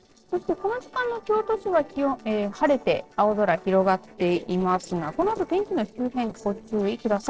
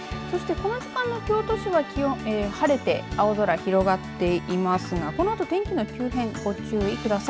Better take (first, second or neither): second